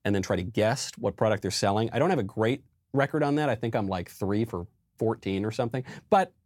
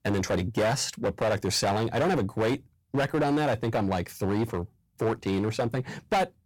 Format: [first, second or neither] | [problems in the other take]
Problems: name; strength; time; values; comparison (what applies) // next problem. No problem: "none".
first | distortion; heavy; 13% of the sound clipped